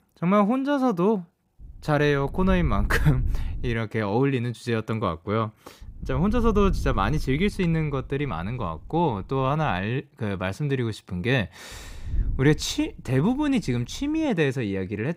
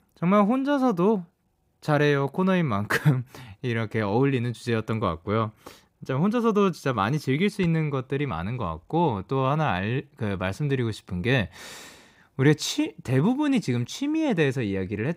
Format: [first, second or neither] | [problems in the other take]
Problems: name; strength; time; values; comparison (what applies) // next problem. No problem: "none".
second | wind noise on the microphone; occasional gusts; from 1.5 to 3.5 s, from 6 to 10 s and from 12 to 14 s; 25 dB below the speech